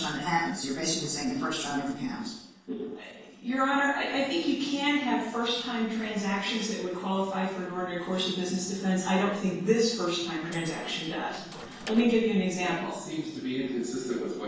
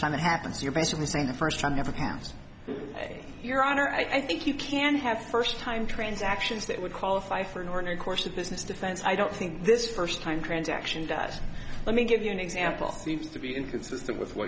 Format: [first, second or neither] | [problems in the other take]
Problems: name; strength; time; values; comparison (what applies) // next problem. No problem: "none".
second | noise reduction (neural separator model SepFormer DNS4)